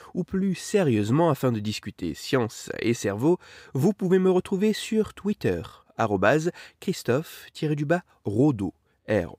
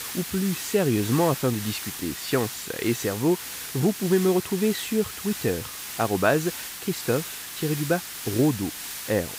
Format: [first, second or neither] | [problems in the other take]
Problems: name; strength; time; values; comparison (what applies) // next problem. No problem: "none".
first | hiss; loud; throughout; 7 dB below the speech